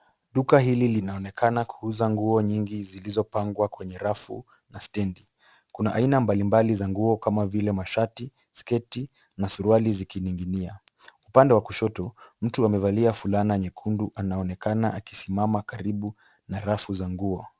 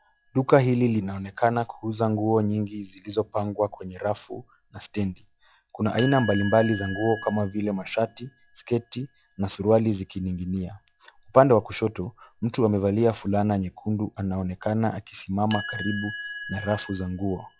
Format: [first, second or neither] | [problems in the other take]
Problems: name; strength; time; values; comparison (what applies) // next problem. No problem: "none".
first | noise reduction (classical method log-MMSE)